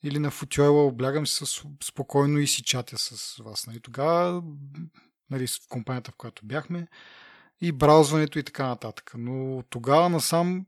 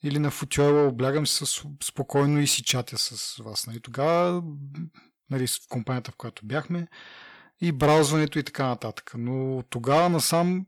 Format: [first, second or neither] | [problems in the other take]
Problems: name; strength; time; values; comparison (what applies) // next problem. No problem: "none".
first | distortion; slight; 10 dB below the speech